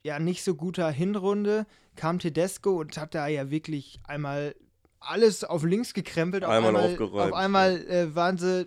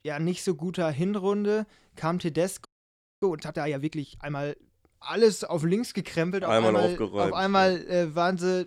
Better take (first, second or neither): first